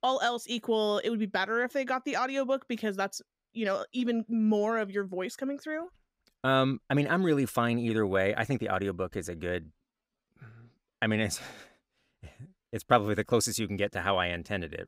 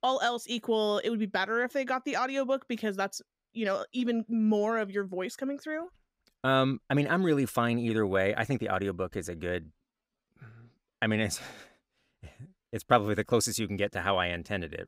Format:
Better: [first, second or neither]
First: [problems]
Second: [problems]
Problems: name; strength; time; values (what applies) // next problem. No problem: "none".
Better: neither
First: none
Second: none